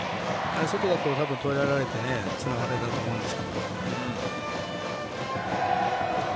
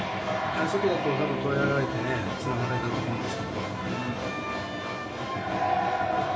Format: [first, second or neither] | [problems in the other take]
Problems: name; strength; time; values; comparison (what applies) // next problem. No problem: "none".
first | background sound (Bowed string instrument); 12 dB below the speech // room echo; dies away in 0.2 s